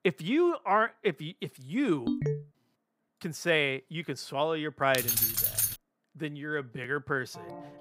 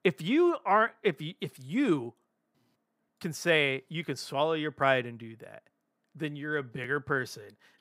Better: second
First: phone ringing; noticeable; at 2 s; peak 1 dB below the speech // jangling keys; loud; at 5 s; peak 6 dB above the speech // phone ringing; faint; at 7.5 s; peak 15 dB below the speech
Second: none

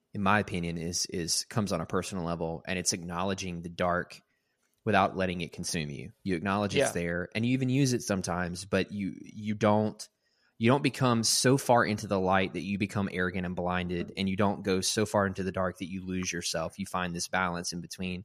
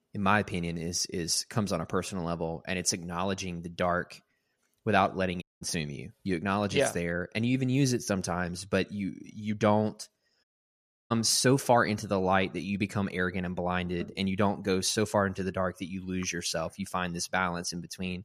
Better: first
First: none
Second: audio cutting out; at 5.5 s and at 10 s for 0.5 s

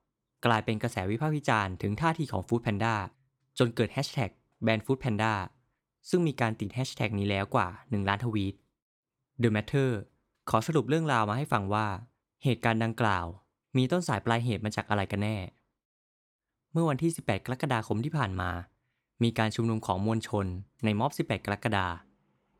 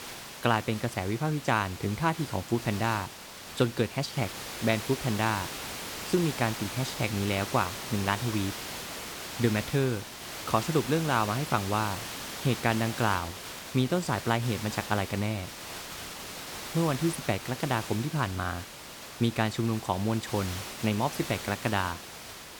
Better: first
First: none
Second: hiss; loud; throughout; 8 dB below the speech

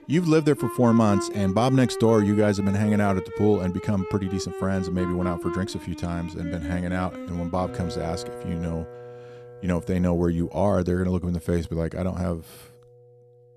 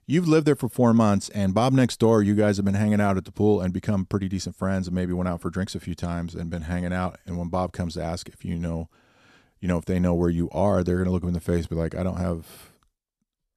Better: second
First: background music; noticeable; throughout; 10 dB below the speech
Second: none

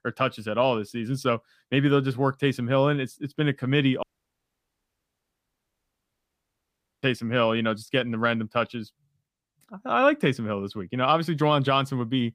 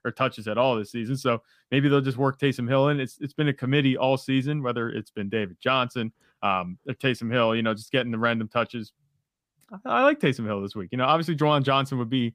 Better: second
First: audio cutting out; at 4 s for 3 s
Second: none

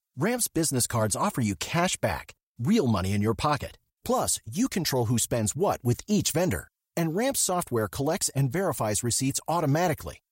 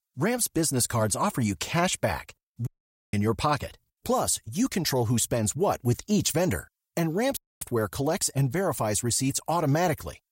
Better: first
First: none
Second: audio cutting out; at 2.5 s and at 7.5 s

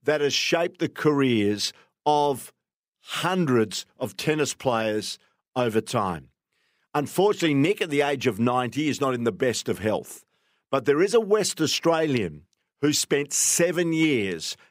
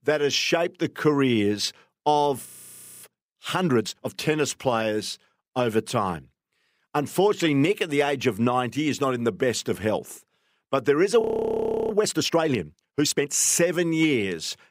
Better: first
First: none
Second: audio freezing; at 2.5 s for 0.5 s and at 11 s for 0.5 s

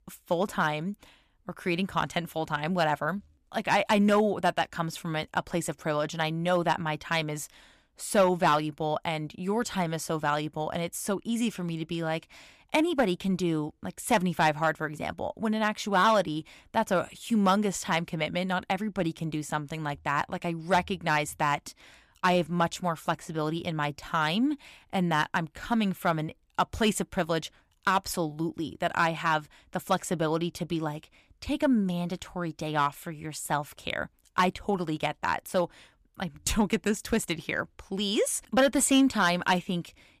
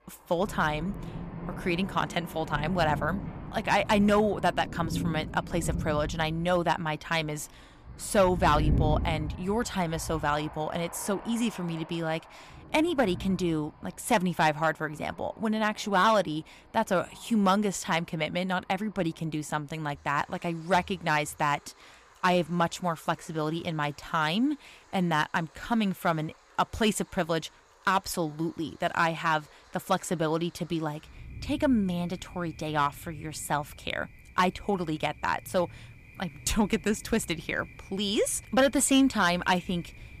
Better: first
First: none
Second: rain or running water; noticeable; throughout; 10 dB below the speech

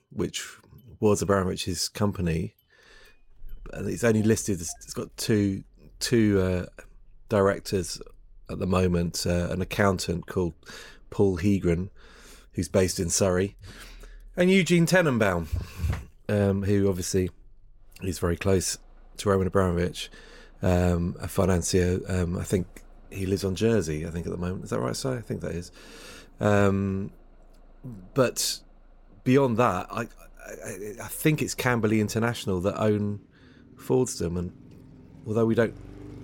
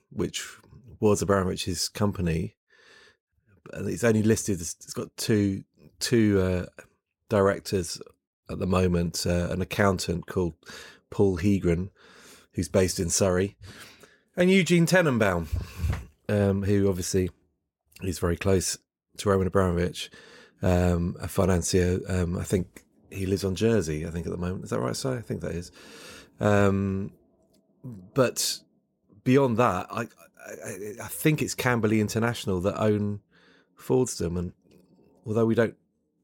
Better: second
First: traffic noise; faint; throughout; 30 dB below the speech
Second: none

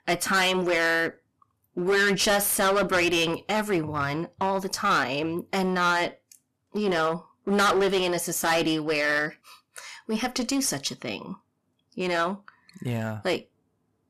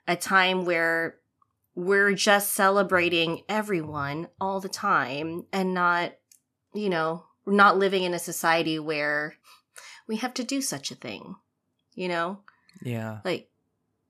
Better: second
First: distortion; heavy; 11% of the sound clipped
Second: none

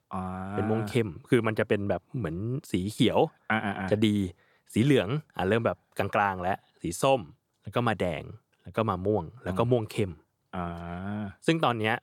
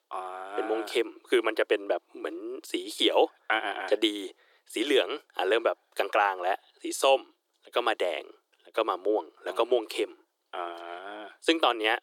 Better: first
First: none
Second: thin; very; fading below 350 Hz

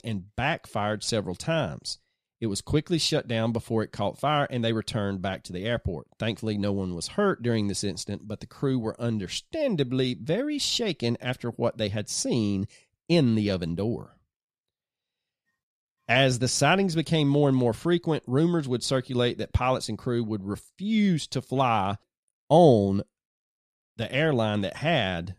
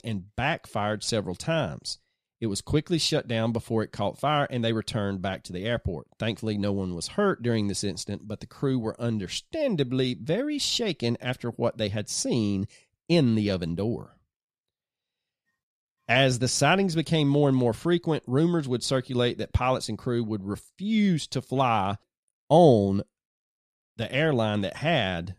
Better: neither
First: none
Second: none

